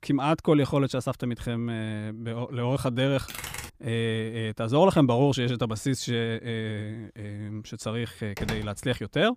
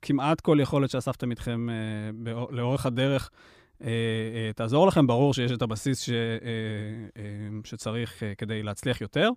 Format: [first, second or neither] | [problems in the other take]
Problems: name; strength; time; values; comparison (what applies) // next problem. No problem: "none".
second | keyboard typing; noticeable; at 3.5 s; peak 8 dB below the speech // door banging; noticeable; at 8.5 s; peak 8 dB below the speech